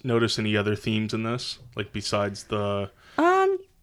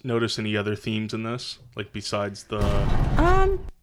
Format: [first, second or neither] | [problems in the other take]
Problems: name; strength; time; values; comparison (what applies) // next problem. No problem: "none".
first | door banging; loud; from 2.5 s on; peak 2 dB above the speech